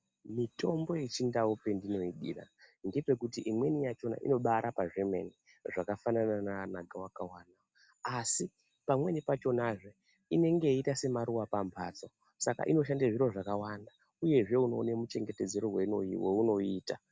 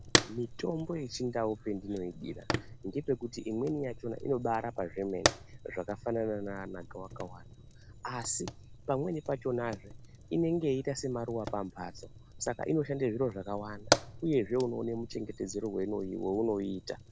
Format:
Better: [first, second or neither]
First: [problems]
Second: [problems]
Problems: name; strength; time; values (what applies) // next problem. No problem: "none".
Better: first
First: none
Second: background sound (Fire); 5 dB below the speech